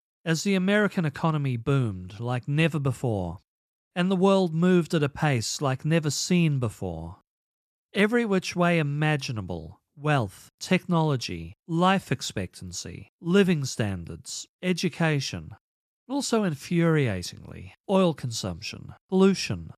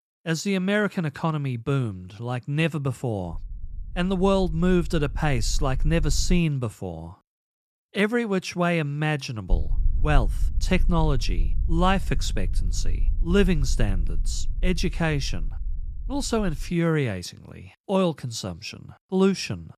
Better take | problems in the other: first | low rumble; faint; from 3.5 to 6.5 s and from 9.5 to 17 s; 25 dB below the speech

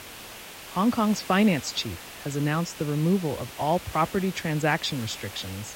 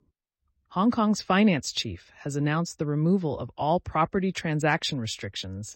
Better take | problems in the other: second | hiss; noticeable; throughout; 15 dB below the speech

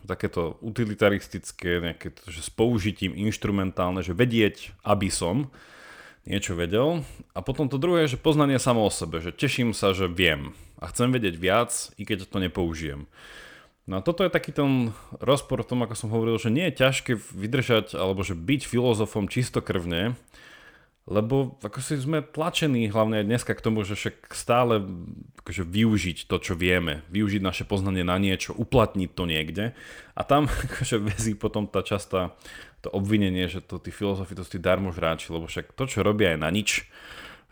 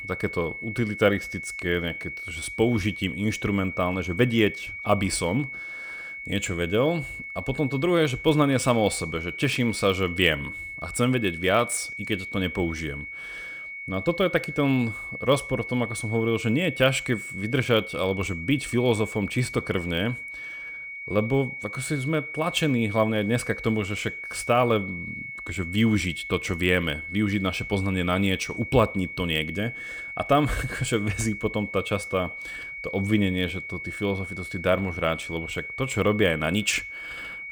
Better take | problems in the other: first | high-pitched whine; loud; throughout; 2 kHz, 8 dB below the speech

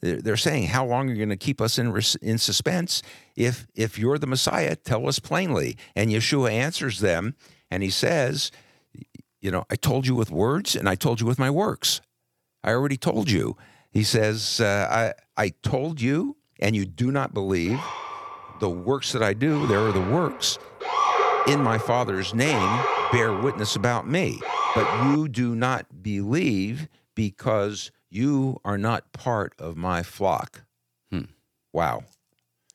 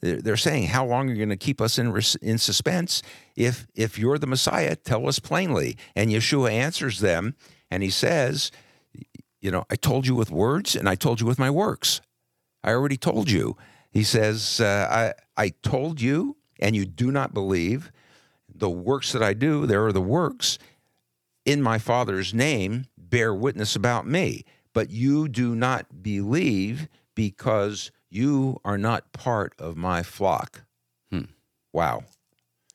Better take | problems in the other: second | siren; loud; from 18 to 25 s; peak 4 dB above the speech

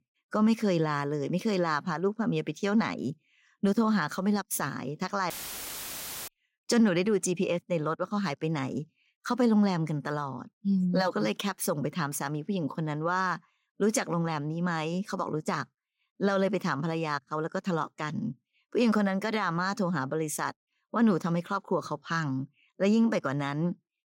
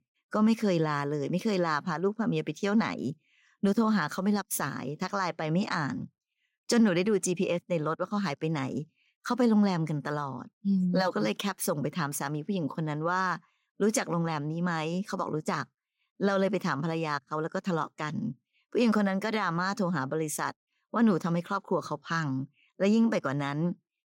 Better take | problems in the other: second | audio cutting out; filled with static; at 5.5 s for 1 s

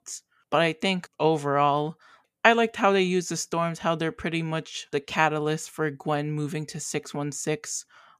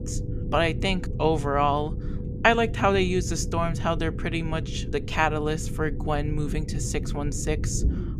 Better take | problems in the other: first | low rumble; noticeable; throughout; 15 dB below the speech

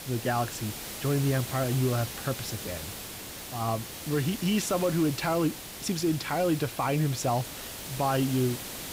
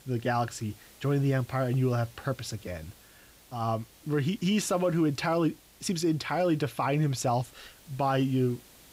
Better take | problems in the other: second | hiss; loud; throughout; 8 dB below the speech; faint in the second

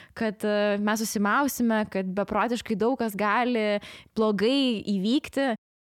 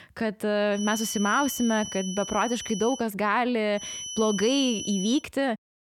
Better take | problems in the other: first | high-pitched whine; loud; from 1 to 3 s and from 4 to 5 s; 3 kHz, 8 dB below the speech

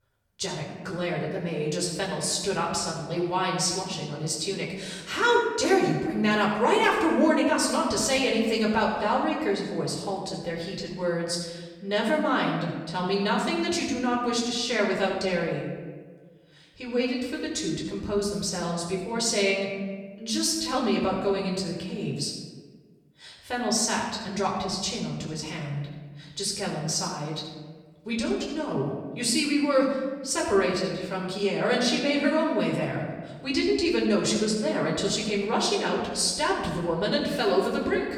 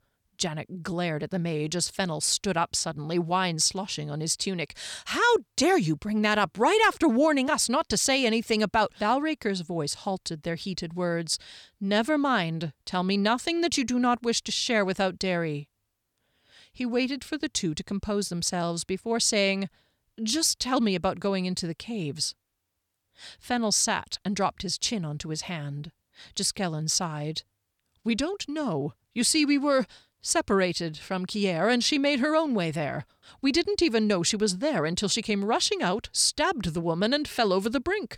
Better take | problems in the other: second | off-mic speech; far // room echo; noticeable; dies away in 1.2 s

